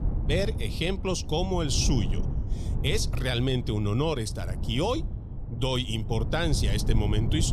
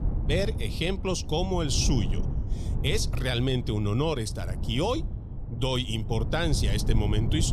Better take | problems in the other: neither | wind noise on the microphone; occasional gusts; 15 dB below the speech; the same in both

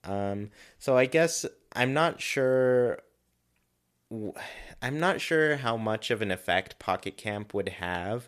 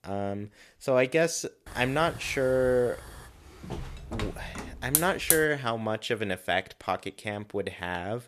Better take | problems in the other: first | hiss; loud; from 1.5 to 5.5 s; 2 dB below the speech

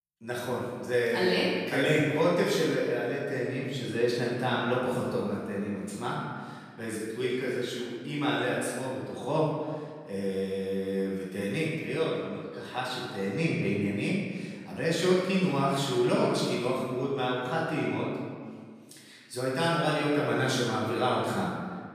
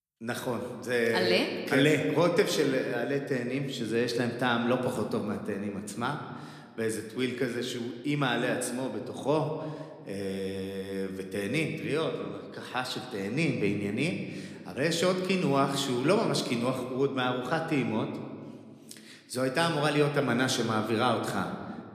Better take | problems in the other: second | room echo; strong; dies away in 1.5 s; slight in the second // off-mic speech; far

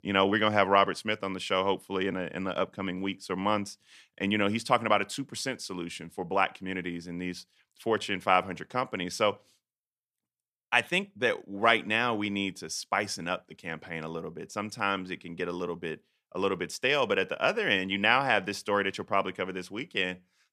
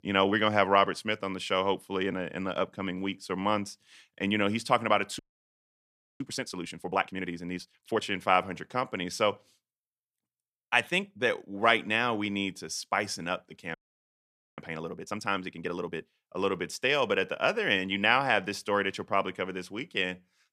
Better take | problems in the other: first | audio freezing; at 5 s for 1 s and at 14 s for 1 s

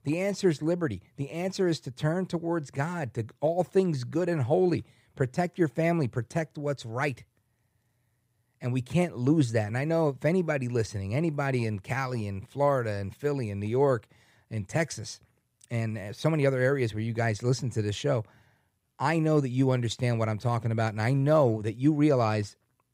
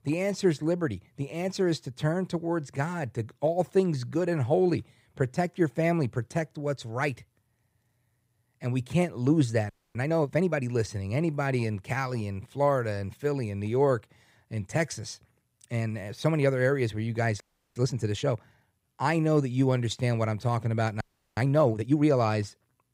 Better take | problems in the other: first | audio freezing; at 9.5 s, at 17 s and at 21 s

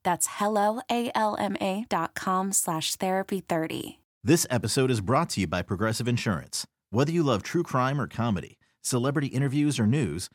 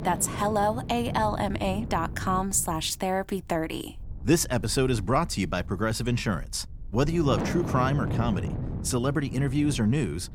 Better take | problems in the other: first | wind noise on the microphone; occasional gusts; 10 dB below the speech

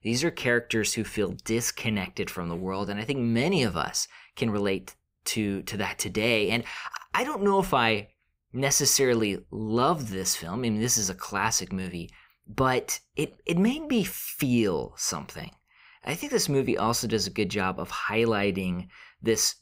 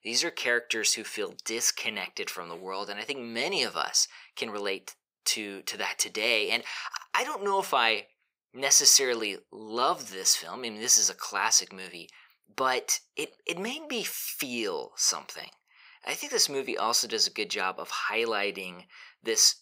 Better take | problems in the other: first | thin; somewhat; fading below 500 Hz

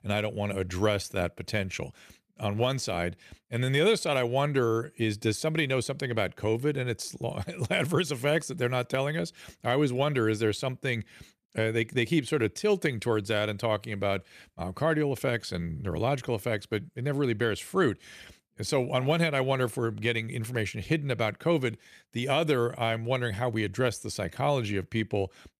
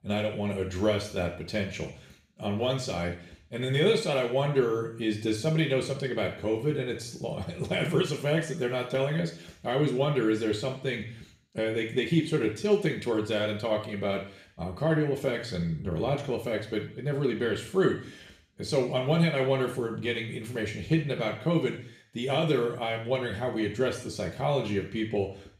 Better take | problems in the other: first | room echo; slight; dies away in 0.5 s // off-mic speech; somewhat distant

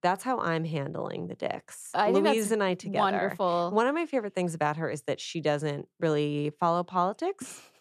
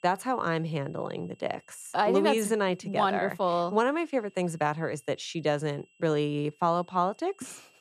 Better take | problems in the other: first | high-pitched whine; faint; throughout; 2.5 kHz, 35 dB below the speech

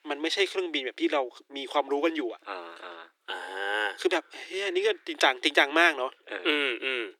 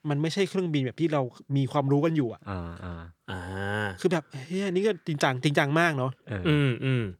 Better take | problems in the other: second | thin; very; fading below 300 Hz

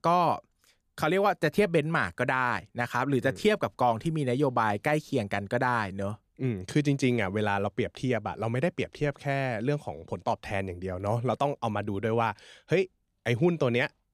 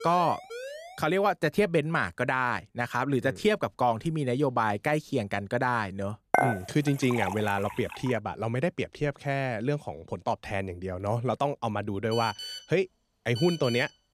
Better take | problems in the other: first | siren; faint; at the start; peak 10 dB below the speech // clattering dishes; loud; from 6.5 to 7.5 s; peak 3 dB above the speech // phone ringing; noticeable; from 12 s on; peak 7 dB below the speech

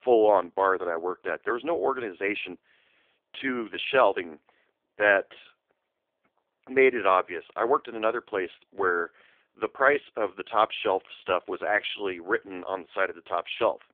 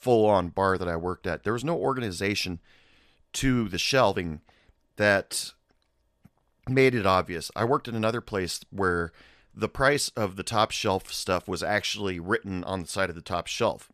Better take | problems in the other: second | phone-call audio; poor line; nothing above 3.5 kHz

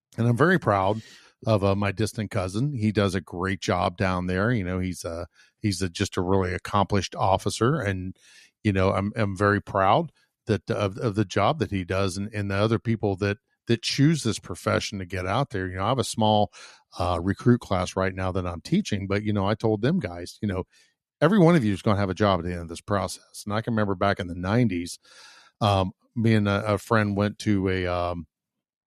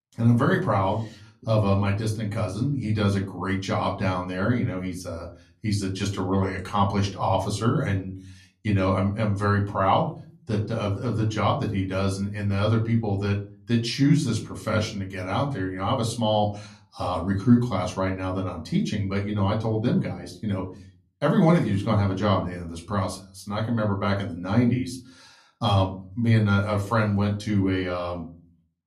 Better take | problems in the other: first | off-mic speech; far // room echo; very slight; dies away in 0.4 s

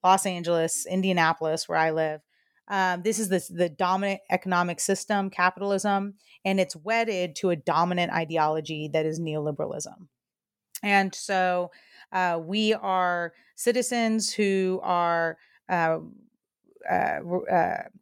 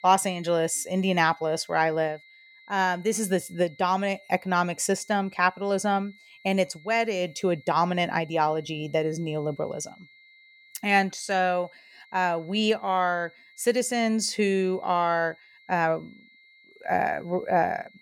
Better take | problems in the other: first | high-pitched whine; faint; throughout; 2 kHz, 25 dB below the speech

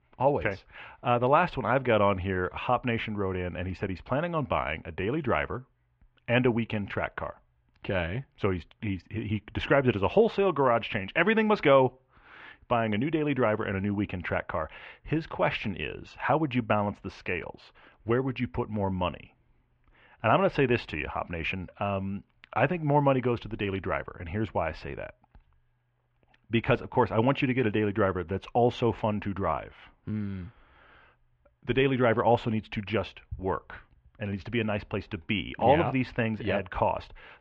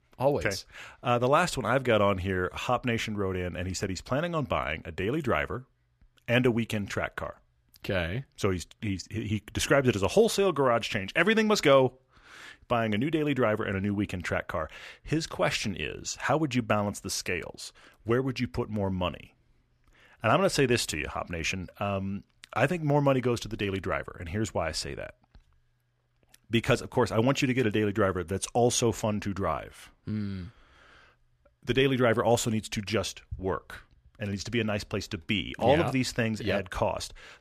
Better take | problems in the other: second | muffled; very; fading above 3 kHz

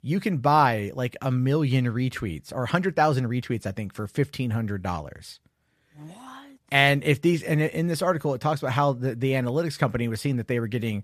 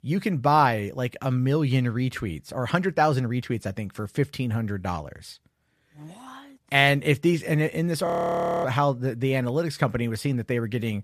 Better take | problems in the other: first | audio freezing; at 8 s for 0.5 s

